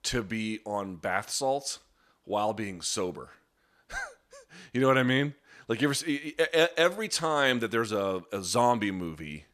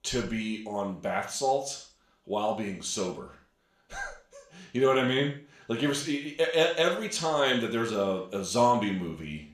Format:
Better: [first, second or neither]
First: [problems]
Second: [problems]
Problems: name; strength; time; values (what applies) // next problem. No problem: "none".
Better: first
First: none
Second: room echo; slight; dies away in 0.5 s // off-mic speech; somewhat distant